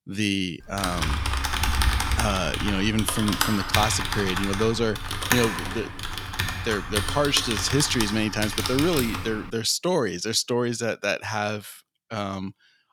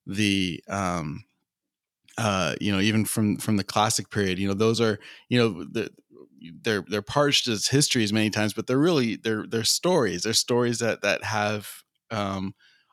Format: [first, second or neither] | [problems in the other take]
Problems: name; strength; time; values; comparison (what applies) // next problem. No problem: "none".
second | keyboard typing; loud; from 1 to 9.5 s; peak 3 dB above the speech